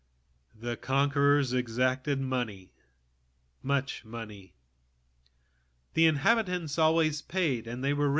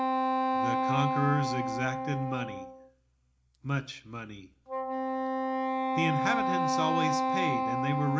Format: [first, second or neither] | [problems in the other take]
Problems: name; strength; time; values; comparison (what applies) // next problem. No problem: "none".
first | background sound (Wind instrument, woodwind instrument); 3 dB above the speech // room echo; dies away in 0.4 s